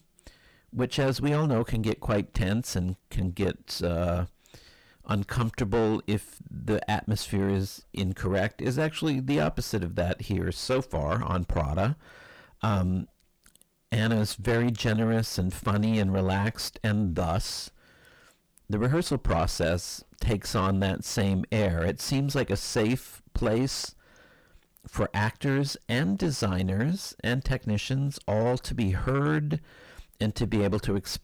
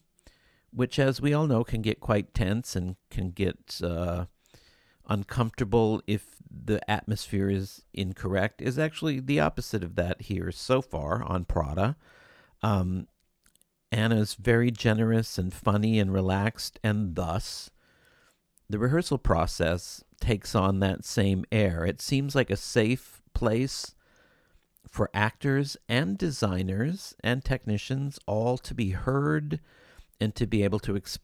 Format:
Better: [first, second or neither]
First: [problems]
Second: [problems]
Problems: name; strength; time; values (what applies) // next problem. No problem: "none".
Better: second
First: distortion; heavy; 7 dB below the speech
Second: none